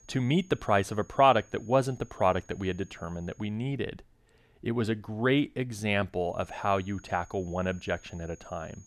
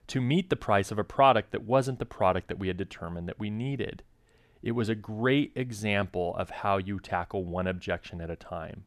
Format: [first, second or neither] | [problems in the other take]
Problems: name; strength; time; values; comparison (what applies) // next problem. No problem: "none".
second | high-pitched whine; faint; until 3.5 s and from 6.5 s on; 6.5 kHz, 25 dB below the speech